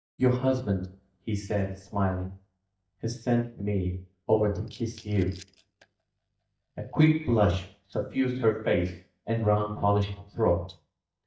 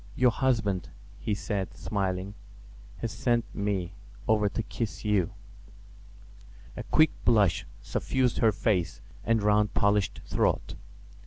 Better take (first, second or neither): second